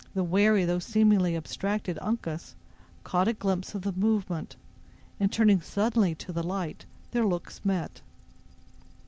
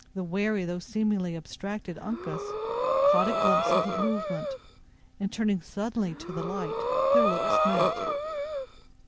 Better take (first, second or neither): first